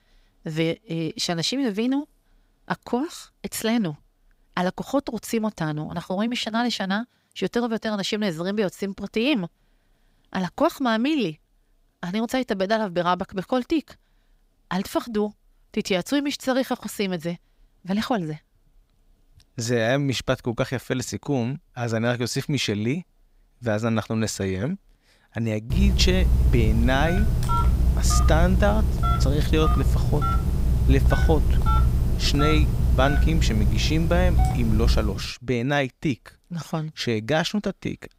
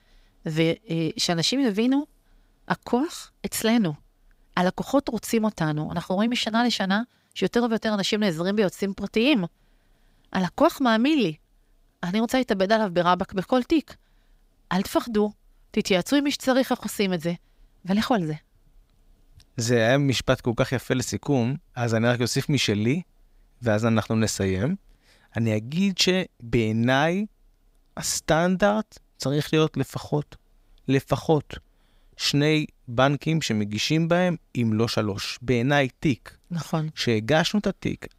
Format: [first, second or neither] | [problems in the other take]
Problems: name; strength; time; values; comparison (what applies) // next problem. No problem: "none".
second | phone ringing; loud; from 26 to 35 s; peak 5 dB above the speech